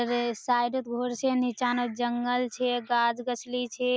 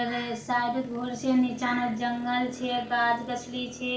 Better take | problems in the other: first | background sound (Motorcycle); 17 dB below the speech // room echo; dies away in 0.4 s

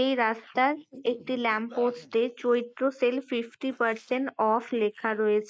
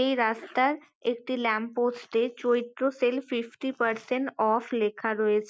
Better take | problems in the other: second | noise reduction (neural mask model Resemble Enhance denoiser)

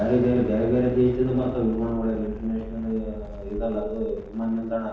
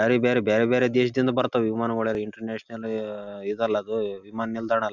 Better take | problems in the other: second | background sound (Explosion); 12 dB below the speech // room echo; dies away in 1 s

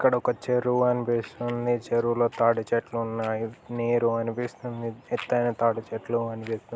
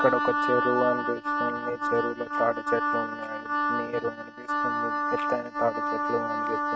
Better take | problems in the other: first | noise reduction (neural mask model RNNoise)

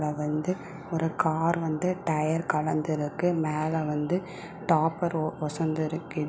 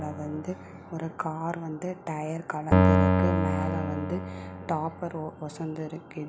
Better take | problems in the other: first | background sound (Keyboard (musical)); 5 dB above the speech

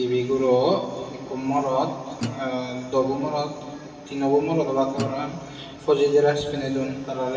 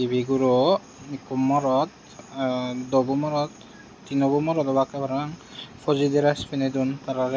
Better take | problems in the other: second | background sound (Guitar); 13 dB below the speech // room echo; dies away in 2.4 s

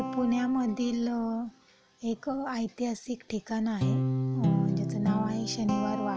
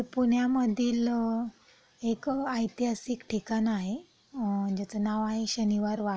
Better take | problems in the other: second | background sound (Guitar); 2 dB below the speech

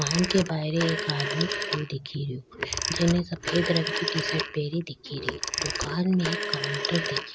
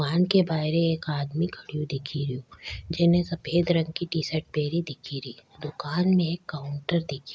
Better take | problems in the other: second | background sound (Telephone); 3 dB below the speech

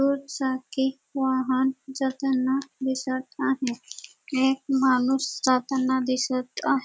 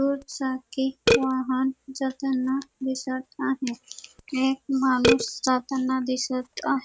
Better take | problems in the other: first | noise reduction (neural mask model RNNoise)

